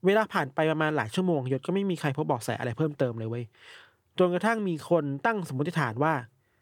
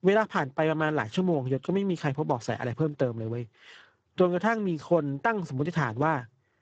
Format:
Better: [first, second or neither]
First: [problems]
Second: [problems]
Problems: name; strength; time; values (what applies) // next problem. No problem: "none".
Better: first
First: none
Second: garbled, watery; badly; nothing above 7.5 kHz